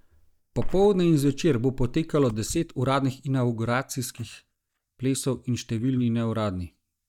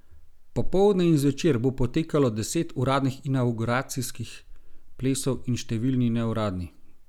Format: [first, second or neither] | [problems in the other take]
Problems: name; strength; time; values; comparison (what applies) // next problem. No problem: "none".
second | noise reduction (neural mask model DeepFilterNet 3)